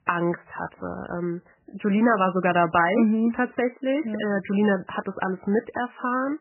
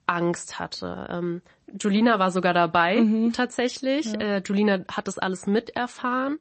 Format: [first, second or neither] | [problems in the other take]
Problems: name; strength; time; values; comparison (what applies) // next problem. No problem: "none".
second | garbled, watery; badly; nothing above 3 kHz; slightly in the second